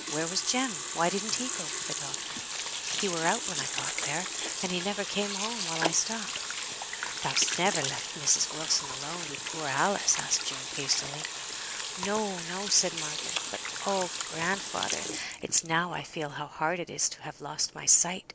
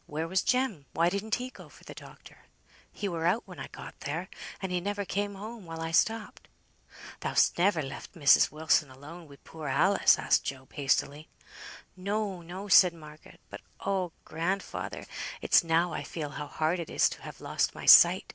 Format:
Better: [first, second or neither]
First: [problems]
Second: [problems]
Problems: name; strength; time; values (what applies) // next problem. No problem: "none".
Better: second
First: background sound (Sink (filling or washing) / Water tap, faucet); 3 dB below the speech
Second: none